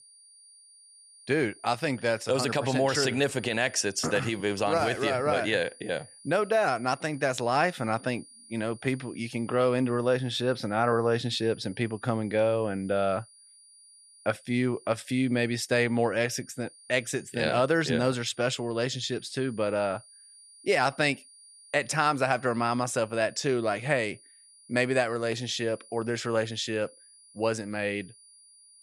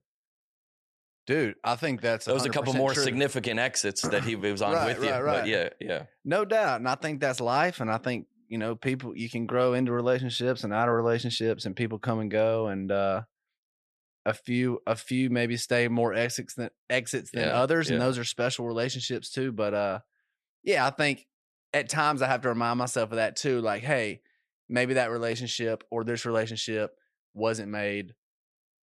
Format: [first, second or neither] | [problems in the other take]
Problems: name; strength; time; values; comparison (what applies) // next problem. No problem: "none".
second | high-pitched whine; faint; throughout; 9.5 kHz, 25 dB below the speech